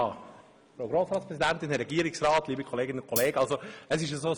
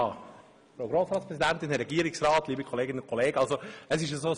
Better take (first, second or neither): second